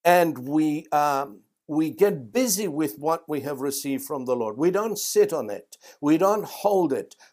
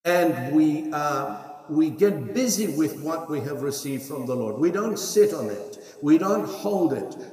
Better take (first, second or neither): first